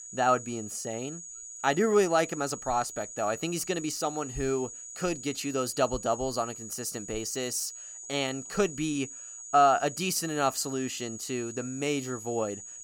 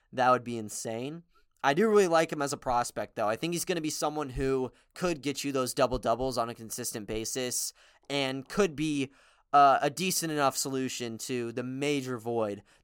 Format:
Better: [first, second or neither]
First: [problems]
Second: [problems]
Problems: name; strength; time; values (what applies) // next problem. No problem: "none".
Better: second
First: high-pitched whine; noticeable; throughout; 7 kHz, 10 dB below the speech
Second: none